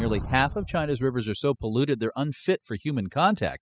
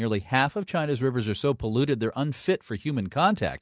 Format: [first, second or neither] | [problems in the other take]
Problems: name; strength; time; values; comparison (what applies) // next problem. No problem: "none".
second | noise reduction (classical method spectral subtraction)